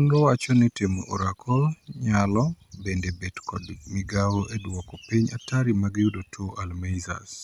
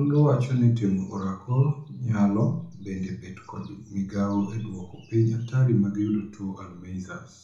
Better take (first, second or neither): first